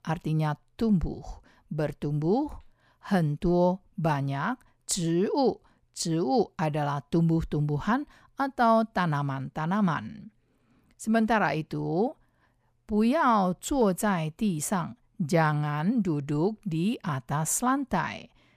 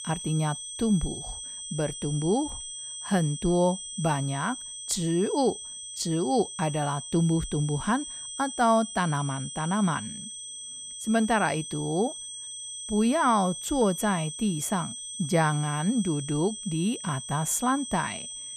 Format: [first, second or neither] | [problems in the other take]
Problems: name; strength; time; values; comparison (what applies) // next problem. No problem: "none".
first | high-pitched whine; loud; throughout; 8 kHz, 8 dB below the speech